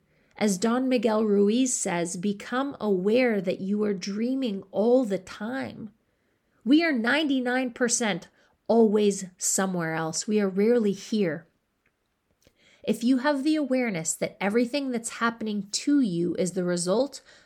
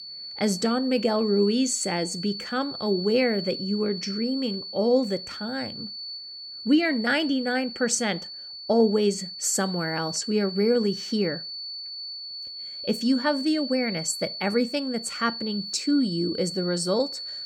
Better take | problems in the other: first | high-pitched whine; loud; throughout; 4.5 kHz, 8 dB below the speech

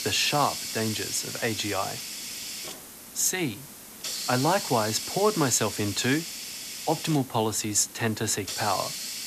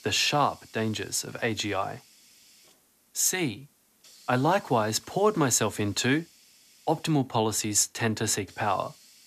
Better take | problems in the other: second | hiss; loud; throughout; 7 dB below the speech; faint in the second

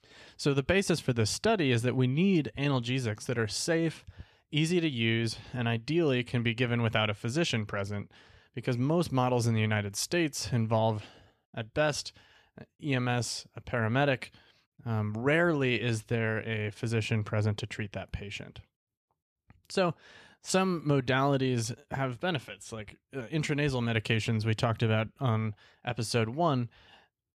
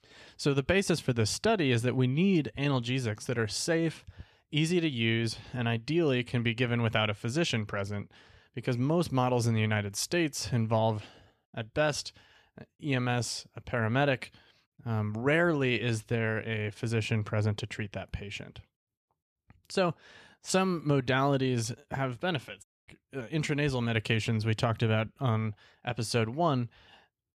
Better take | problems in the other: first | audio cutting out; at 23 s

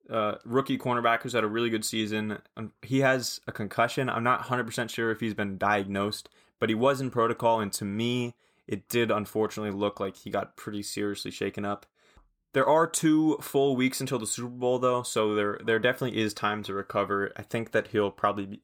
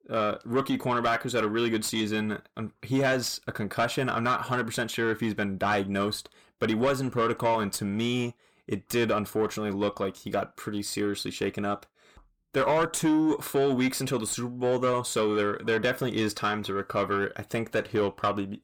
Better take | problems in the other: first | distortion; slight; 10 dB below the speech

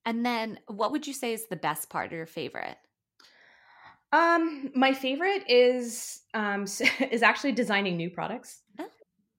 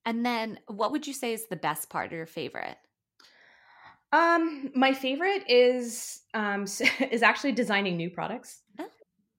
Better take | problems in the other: neither | none

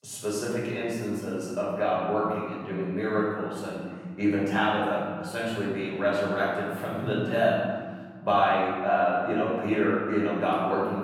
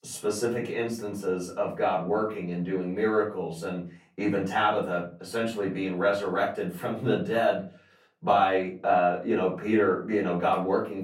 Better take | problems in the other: second | room echo; strong; dies away in 1.6 s; slight in the second // off-mic speech; far; far in the second

